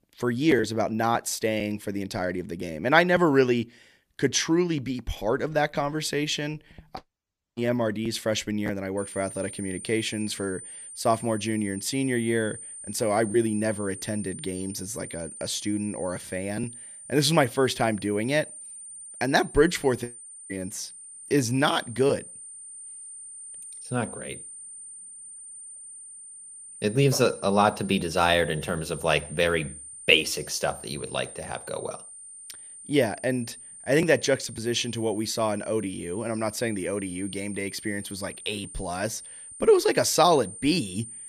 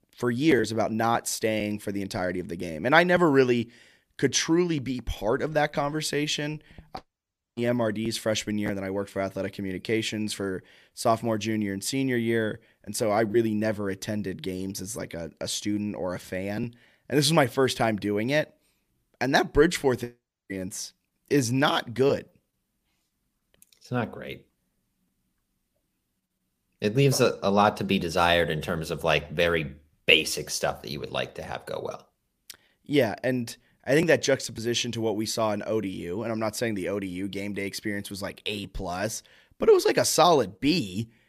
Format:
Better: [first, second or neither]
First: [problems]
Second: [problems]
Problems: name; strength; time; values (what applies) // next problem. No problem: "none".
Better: second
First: high-pitched whine; noticeable; from 9 s on; 9 kHz, 15 dB below the speech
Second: none